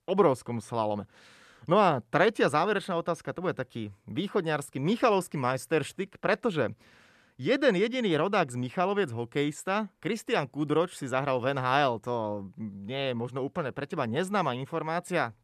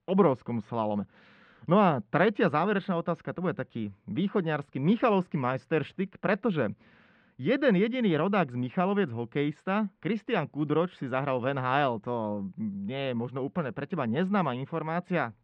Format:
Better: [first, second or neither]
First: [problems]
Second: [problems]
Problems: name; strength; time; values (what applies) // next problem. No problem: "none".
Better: first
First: none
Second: muffled; slightly; fading above 3 kHz